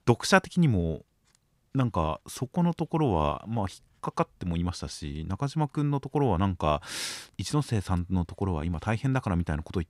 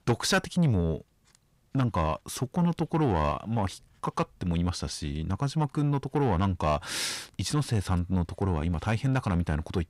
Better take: first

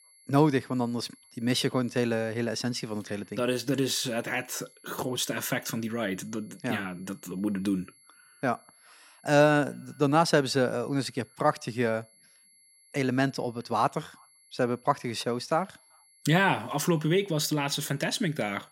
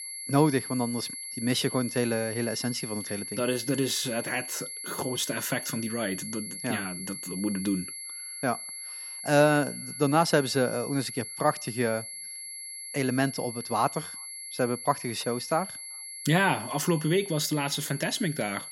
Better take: first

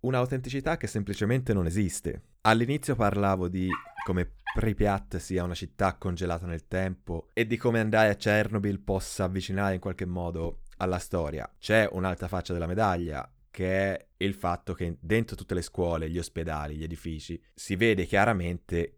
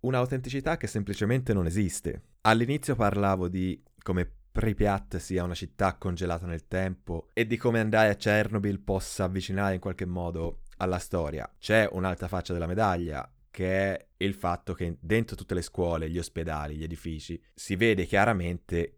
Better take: second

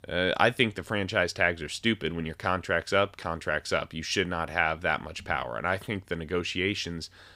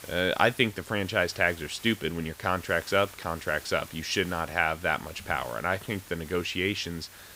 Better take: first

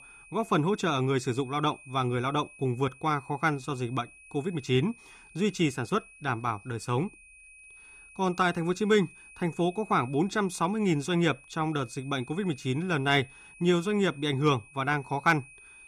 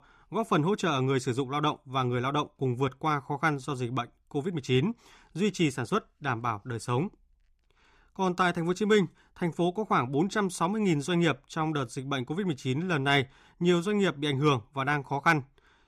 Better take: second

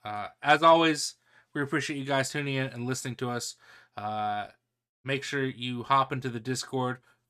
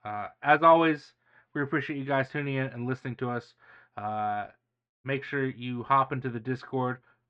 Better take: first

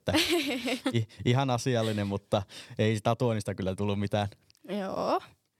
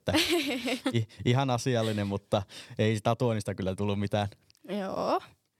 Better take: neither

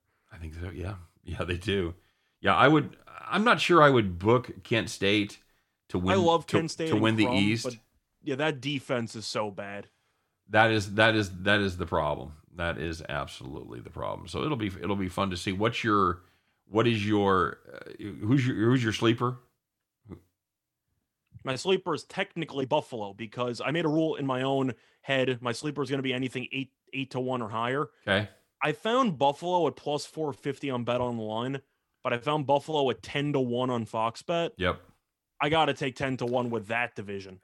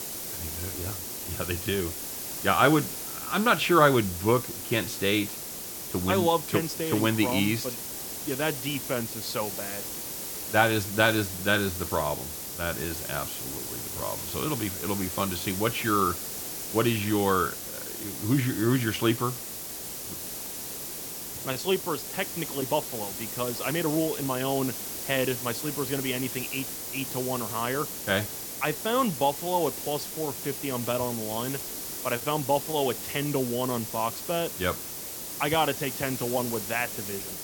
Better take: first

